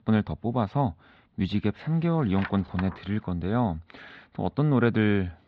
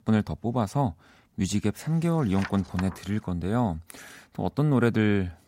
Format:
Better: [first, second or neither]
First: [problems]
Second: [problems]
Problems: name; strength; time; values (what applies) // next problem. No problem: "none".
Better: second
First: muffled; slightly; fading above 4 kHz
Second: none